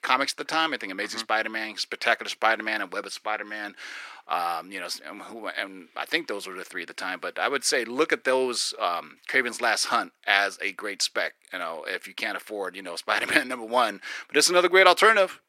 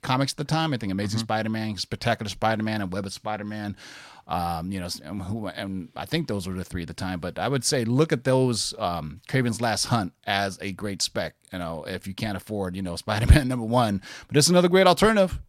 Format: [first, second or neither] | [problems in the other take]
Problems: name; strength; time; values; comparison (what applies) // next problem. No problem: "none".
second | thin; very; fading below 350 Hz